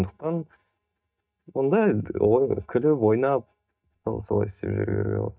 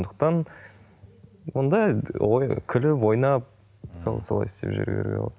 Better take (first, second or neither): second